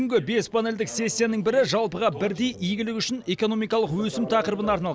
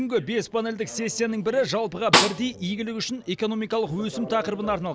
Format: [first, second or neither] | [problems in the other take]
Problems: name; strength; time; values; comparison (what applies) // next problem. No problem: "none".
first | background sound (Snare drum); 2 dB above the speech